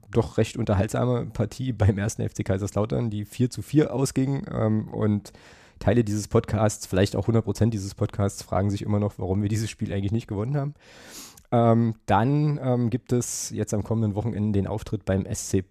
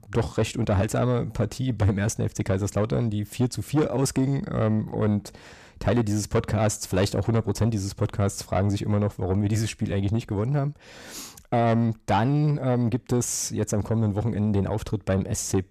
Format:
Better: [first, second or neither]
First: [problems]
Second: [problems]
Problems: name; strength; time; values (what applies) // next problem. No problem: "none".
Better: first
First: none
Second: distortion; slight; 10 dB below the speech